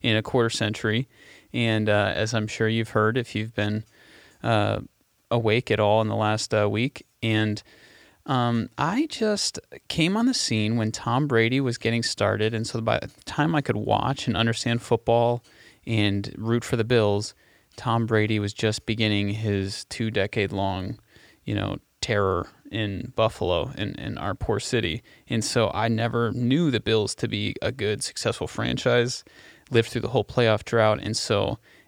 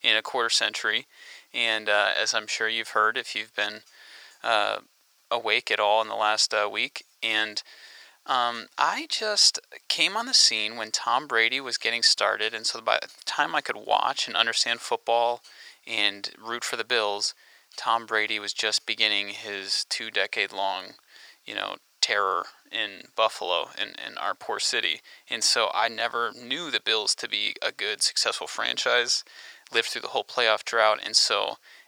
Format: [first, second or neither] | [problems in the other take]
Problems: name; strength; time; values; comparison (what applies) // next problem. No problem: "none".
first | thin; very; fading below 900 Hz